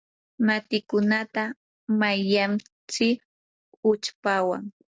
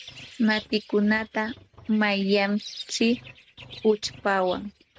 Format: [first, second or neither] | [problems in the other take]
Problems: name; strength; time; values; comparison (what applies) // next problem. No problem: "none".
first | noise reduction (neural mask model RNNoise)